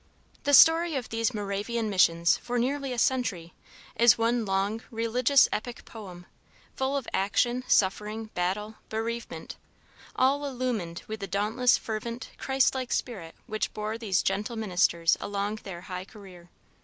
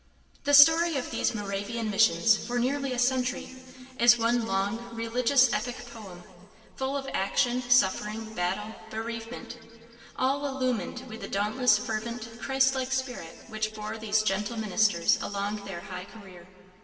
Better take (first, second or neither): first